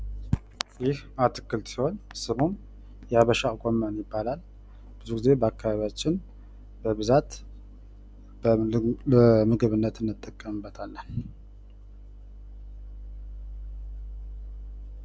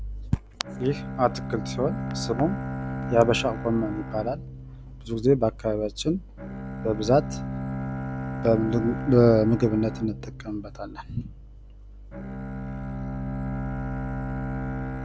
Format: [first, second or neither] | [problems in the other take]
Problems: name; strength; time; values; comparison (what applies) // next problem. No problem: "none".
first | background sound (Bowed string instrument); 7 dB below the speech